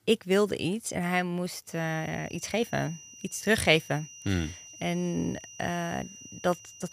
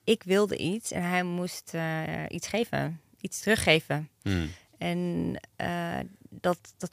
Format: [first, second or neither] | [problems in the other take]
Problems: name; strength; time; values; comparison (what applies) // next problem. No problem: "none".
second | high-pitched whine; noticeable; from 1.5 s on; 6 kHz, 15 dB below the speech